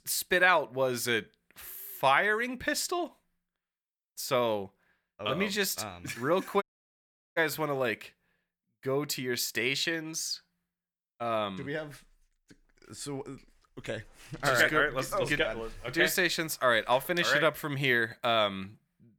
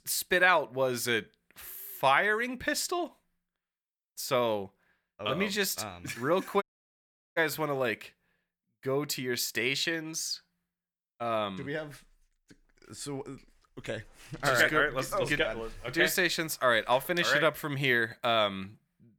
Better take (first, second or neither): neither